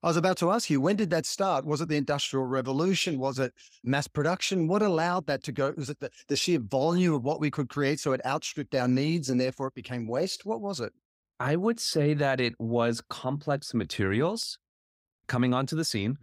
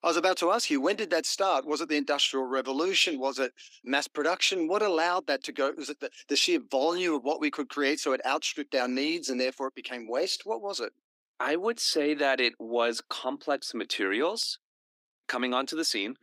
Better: first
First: none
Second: thin; somewhat; fading below 300 Hz

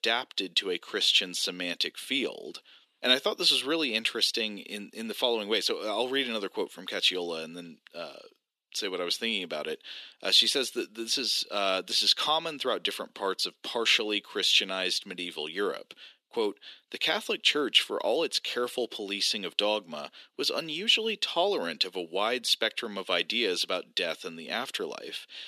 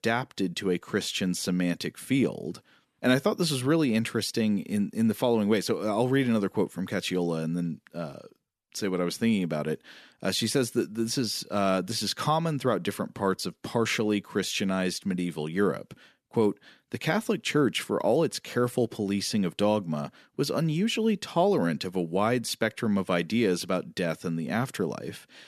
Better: second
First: thin; somewhat; fading below 350 Hz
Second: none

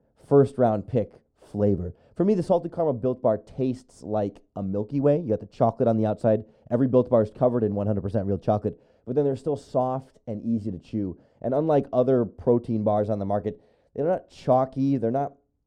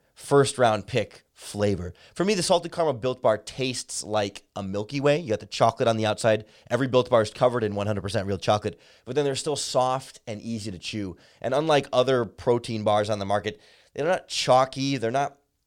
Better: second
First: muffled; very; fading above 1.5 kHz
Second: none

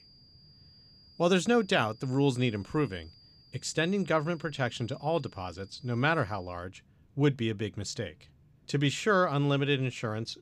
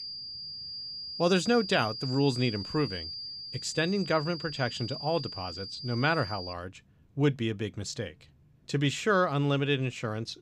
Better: first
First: high-pitched whine; faint; until 6.5 s; 5 kHz, 25 dB below the speech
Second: high-pitched whine; loud; until 6.5 s; 5 kHz, 8 dB below the speech

